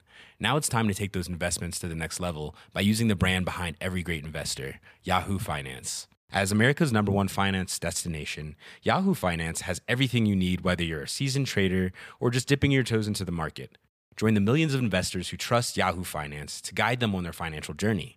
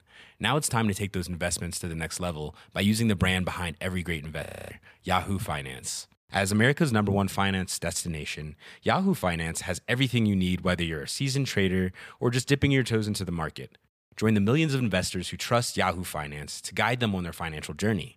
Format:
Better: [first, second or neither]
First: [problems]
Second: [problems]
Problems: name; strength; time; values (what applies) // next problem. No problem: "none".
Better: first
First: none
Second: audio freezing; at 4.5 s